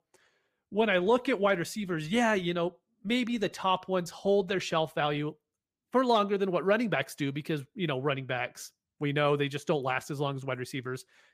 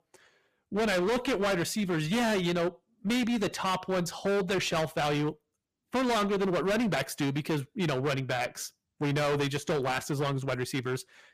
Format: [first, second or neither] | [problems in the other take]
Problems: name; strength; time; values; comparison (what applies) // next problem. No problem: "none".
first | distortion; heavy; 23% of the sound clipped